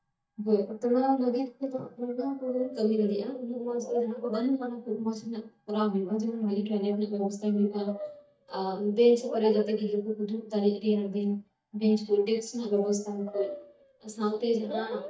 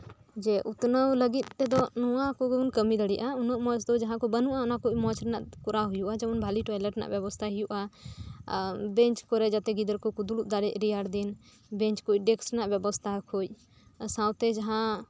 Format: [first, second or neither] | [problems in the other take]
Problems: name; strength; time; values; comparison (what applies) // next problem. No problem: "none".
second | noise reduction (neural mask model DeepFilterNet 3)